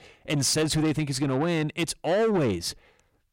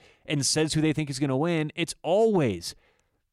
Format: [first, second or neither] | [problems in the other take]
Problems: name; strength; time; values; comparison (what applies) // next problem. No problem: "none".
second | distortion; slight; 10 dB below the speech